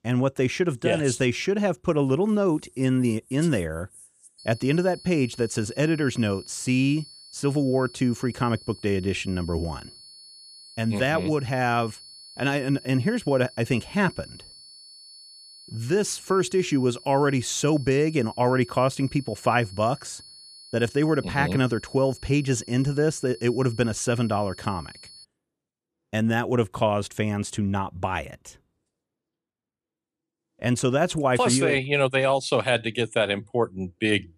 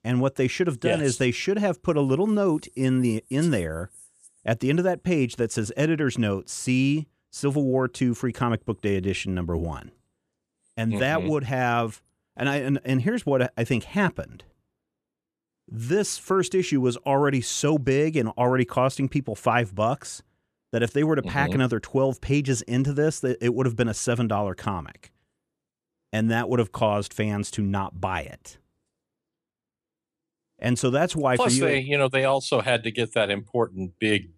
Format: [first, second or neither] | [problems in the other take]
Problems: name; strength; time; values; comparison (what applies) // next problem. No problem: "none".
second | high-pitched whine; noticeable; from 4.5 to 25 s; 4.5 kHz, 20 dB below the speech